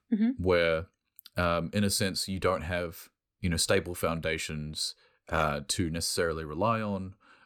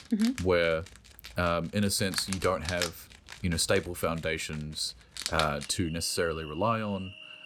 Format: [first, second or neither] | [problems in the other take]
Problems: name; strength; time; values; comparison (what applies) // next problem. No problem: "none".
first | animal sounds; loud; throughout; 9 dB below the speech